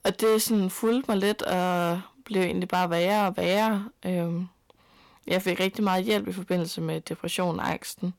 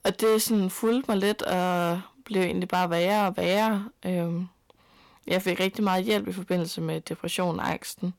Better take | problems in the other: neither | distortion; slight; 6% of the sound clipped; the same in both

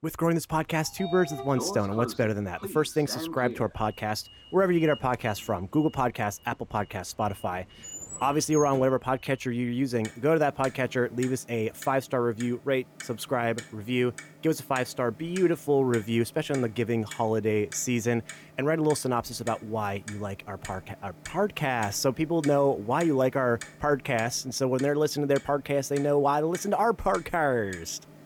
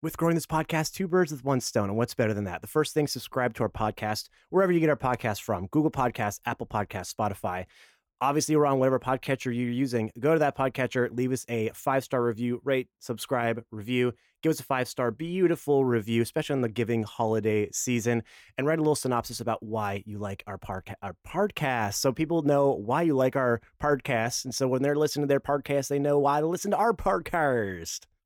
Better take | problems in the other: second | household noises; noticeable; throughout; 15 dB below the speech

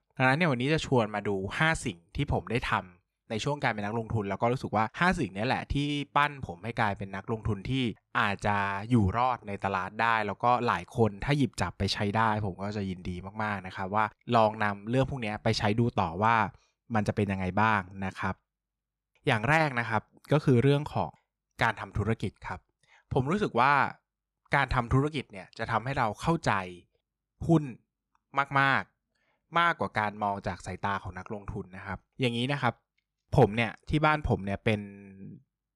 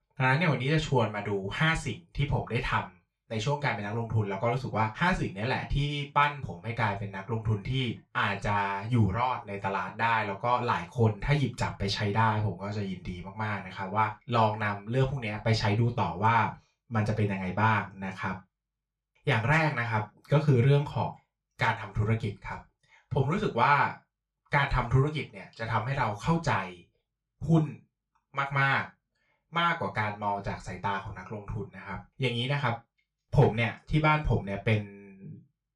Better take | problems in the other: first | room echo; slight; dies away in 0.2 s // off-mic speech; far

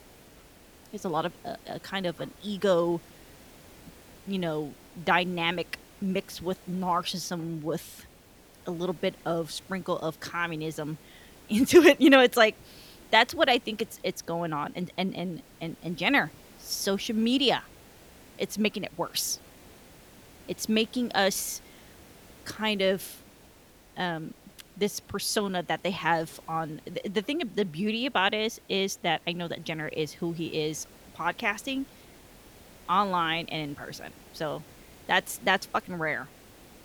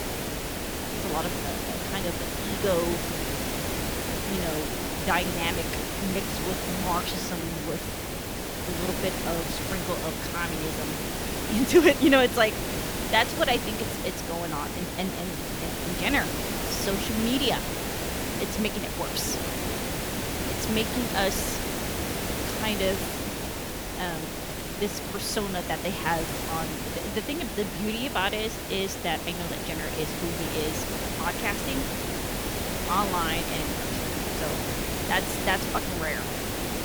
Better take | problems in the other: first | hiss; loud; throughout; 1 dB below the speech; faint in the first

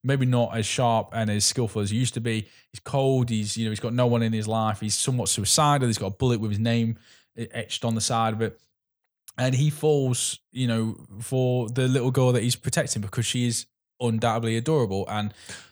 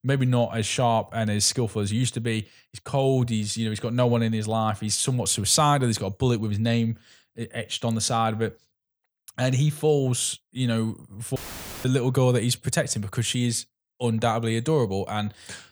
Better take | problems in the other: first | audio cutting out; filled with static; at 11 s

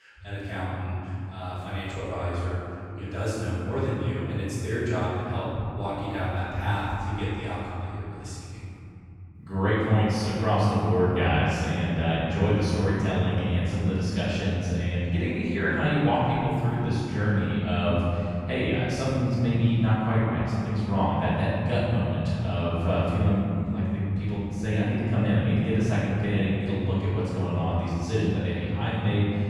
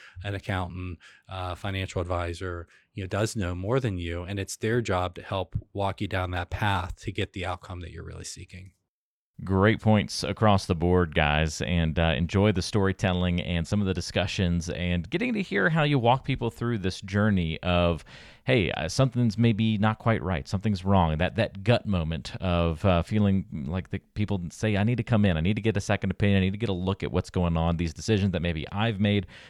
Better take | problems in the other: second | off-mic speech; far // room echo; strong; dies away in 3 s

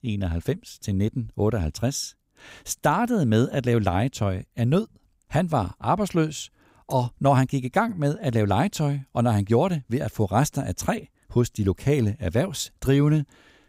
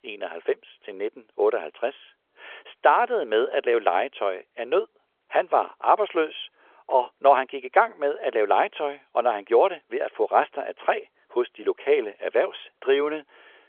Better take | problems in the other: first | phone-call audio; nothing above 3.5 kHz

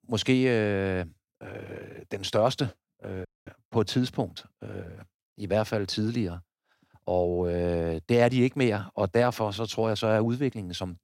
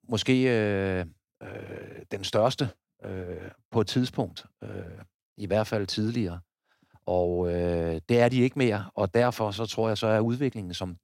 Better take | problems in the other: second | audio cutting out; at 3.5 s

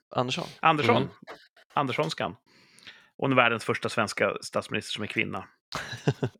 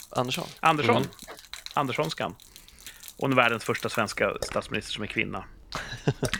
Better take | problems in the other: first | rain or running water; noticeable; throughout; 15 dB below the speech

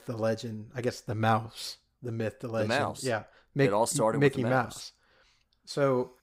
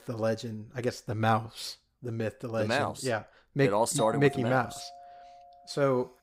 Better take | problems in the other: first | doorbell; noticeable; from 4 to 5.5 s; peak 9 dB below the speech

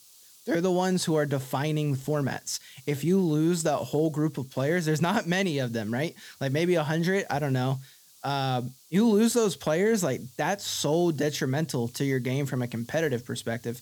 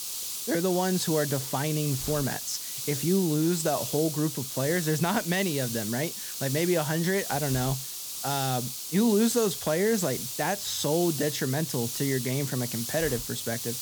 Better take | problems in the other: first | hiss; loud; throughout; 4 dB below the speech; faint in the first

